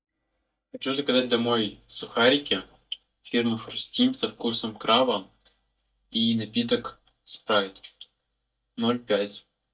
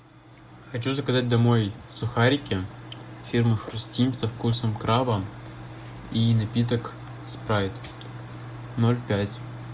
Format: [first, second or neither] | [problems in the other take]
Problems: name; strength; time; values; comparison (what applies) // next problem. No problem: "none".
second | noise reduction (neural mask model DeepFilterNet 3)